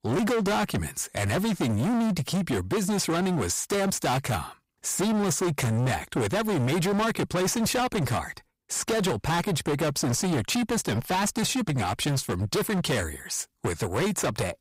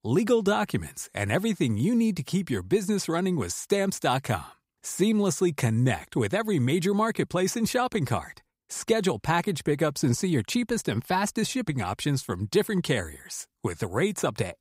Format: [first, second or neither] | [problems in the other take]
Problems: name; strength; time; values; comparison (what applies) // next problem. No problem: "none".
second | distortion; heavy; 30% of the sound clipped